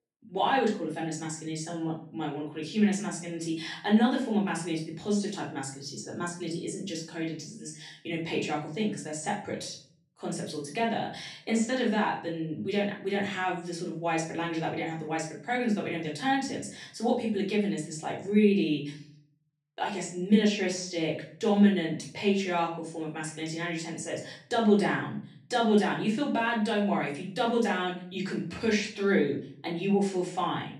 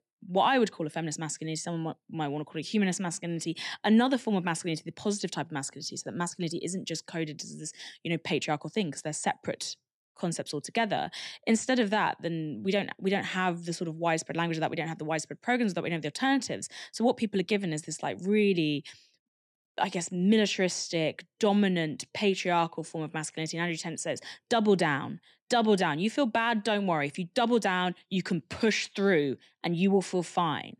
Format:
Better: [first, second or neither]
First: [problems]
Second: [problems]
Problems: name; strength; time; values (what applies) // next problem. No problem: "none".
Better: second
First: room echo; slight; dies away in 0.4 s // off-mic speech; far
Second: none